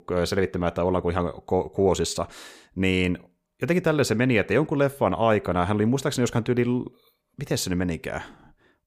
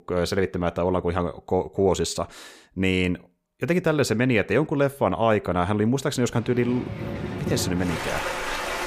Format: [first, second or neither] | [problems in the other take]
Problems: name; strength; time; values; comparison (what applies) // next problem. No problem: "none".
first | rain or running water; loud; from 6.5 s on; 6 dB below the speech